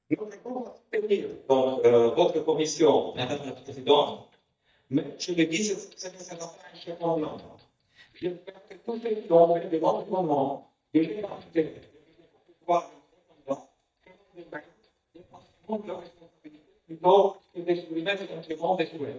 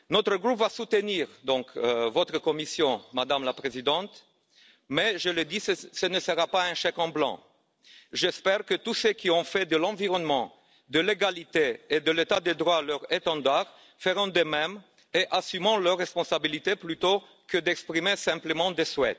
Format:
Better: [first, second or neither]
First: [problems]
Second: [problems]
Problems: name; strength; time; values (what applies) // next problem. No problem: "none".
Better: second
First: noise reduction (neural mask model DeepFilterNet 3)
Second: none